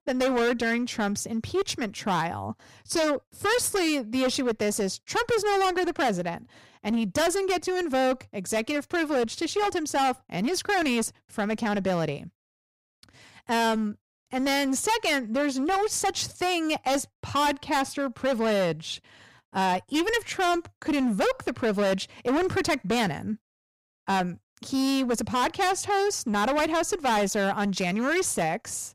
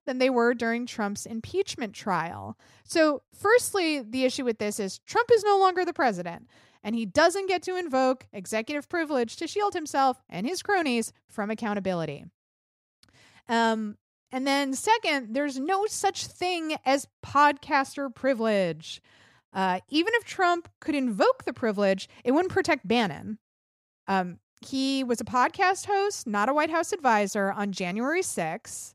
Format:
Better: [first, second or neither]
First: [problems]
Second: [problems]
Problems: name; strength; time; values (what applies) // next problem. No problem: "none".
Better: second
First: distortion; heavy; 17% of the sound clipped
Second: none